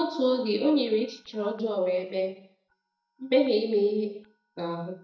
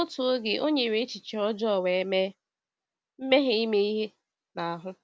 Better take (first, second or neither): second